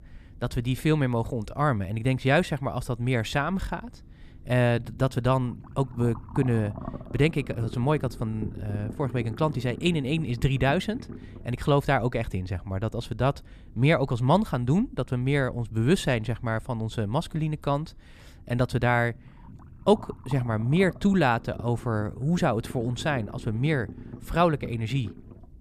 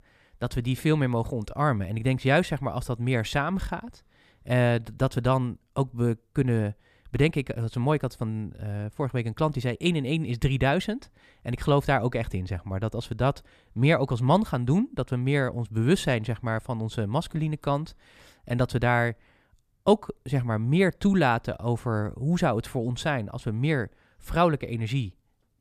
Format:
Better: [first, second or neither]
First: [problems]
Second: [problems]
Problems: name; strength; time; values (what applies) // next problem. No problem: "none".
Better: second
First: low rumble; noticeable; throughout; 20 dB below the speech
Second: none